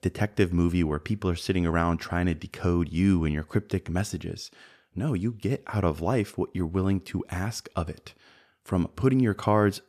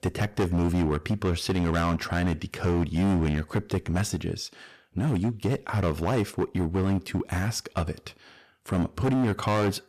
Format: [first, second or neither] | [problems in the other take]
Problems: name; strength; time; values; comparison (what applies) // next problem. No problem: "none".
first | distortion; heavy; 13% of the sound clipped